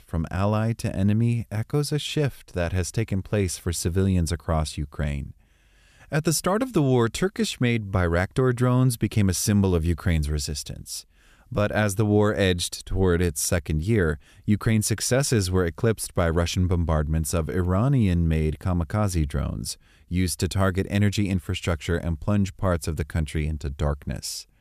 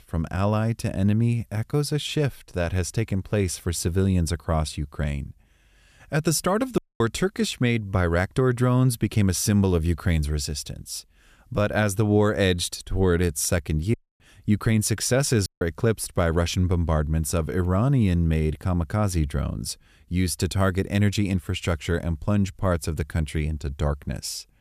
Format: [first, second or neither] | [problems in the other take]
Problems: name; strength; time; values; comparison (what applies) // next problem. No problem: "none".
first | audio cutting out; at 7 s, at 14 s and at 15 s